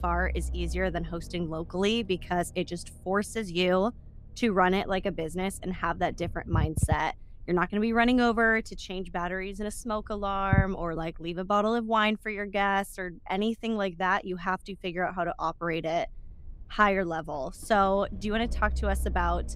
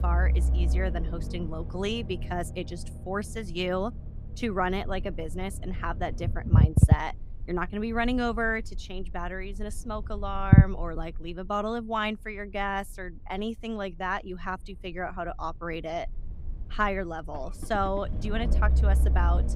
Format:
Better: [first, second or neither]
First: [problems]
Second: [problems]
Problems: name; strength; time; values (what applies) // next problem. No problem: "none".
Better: first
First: low rumble; faint; throughout; 20 dB below the speech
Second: low rumble; loud; throughout; 8 dB below the speech